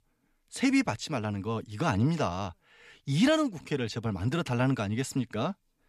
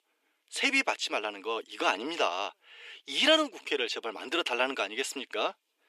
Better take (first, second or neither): first